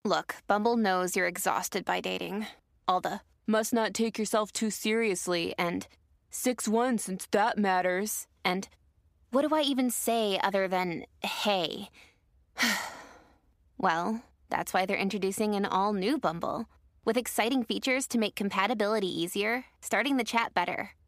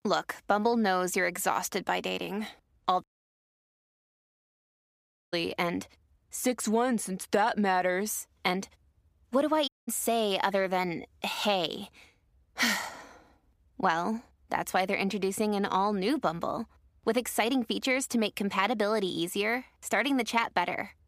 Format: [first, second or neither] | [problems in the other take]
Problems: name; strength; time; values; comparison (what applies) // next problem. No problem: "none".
first | audio cutting out; at 3 s for 2.5 s and at 9.5 s